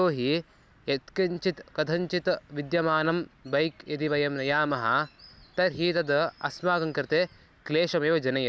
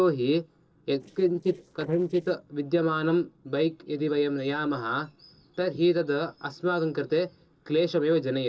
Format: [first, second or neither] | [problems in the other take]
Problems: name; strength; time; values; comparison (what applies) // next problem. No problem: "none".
first | noise reduction (neural separator model SepFormer DNS4)